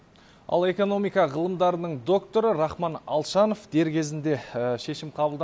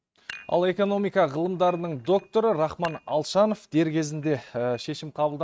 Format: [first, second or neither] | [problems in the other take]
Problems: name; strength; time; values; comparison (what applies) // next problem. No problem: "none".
first | noise reduction (neural mask model RNNoise)